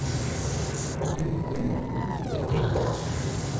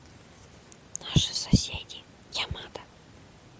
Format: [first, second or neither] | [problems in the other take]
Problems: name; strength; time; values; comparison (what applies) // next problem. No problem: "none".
second | noise reduction (neural separator model SepFormer DNS4)